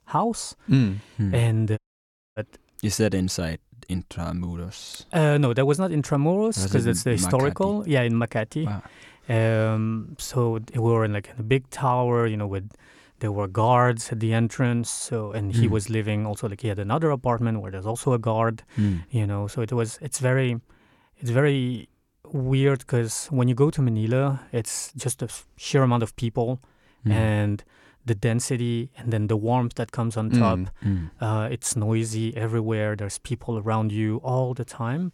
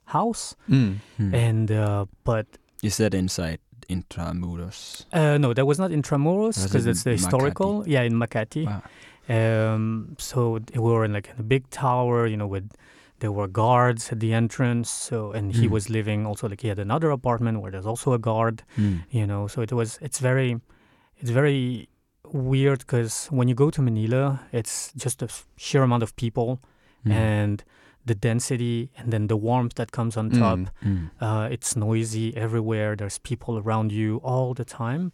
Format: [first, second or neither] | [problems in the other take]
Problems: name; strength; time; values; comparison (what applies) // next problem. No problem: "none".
second | audio cutting out; at 2 s for 0.5 s